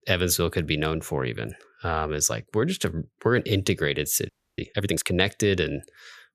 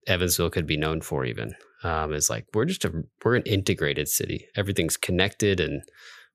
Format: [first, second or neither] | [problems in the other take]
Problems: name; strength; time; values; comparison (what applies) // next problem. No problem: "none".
second | audio freezing; at 4.5 s